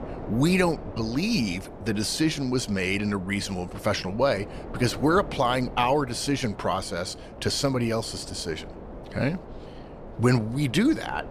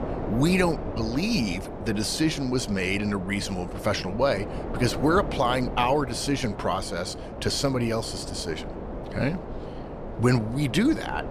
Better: first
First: wind noise on the microphone; occasional gusts; 15 dB below the speech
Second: wind noise on the microphone; heavy; 10 dB below the speech

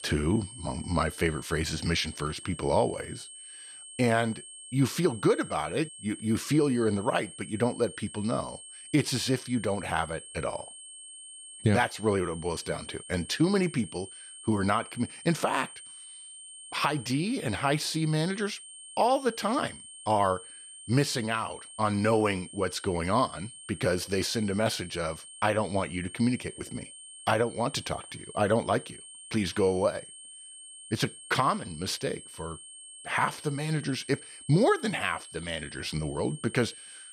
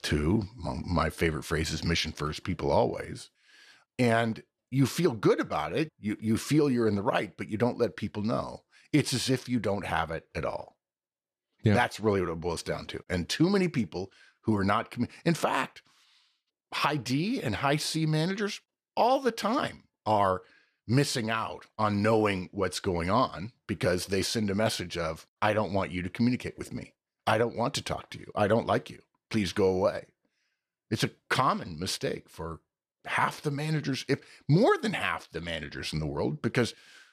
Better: second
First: high-pitched whine; noticeable; throughout; 8.5 kHz, 15 dB below the speech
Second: none

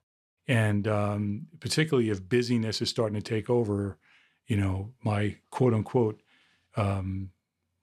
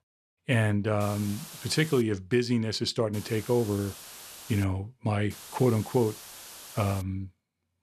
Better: first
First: none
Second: hiss; noticeable; from 1 to 2 s, from 3 to 4.5 s and from 5.5 to 7 s; 15 dB below the speech

